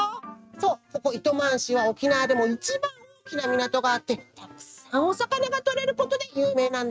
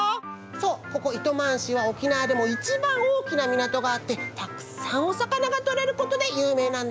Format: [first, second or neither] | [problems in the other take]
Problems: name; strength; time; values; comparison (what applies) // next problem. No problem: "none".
second | noise reduction (neural mask model RNNoise)